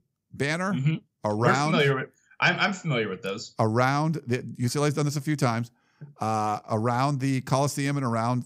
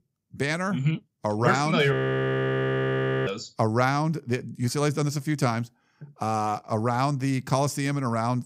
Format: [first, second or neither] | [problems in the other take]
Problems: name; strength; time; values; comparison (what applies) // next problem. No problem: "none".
first | audio freezing; at 2 s for 1.5 s